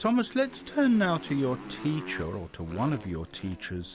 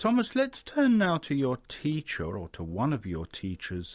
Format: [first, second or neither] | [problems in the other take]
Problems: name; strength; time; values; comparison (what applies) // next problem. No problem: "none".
second | background sound (Motorcycle); 16 dB below the speech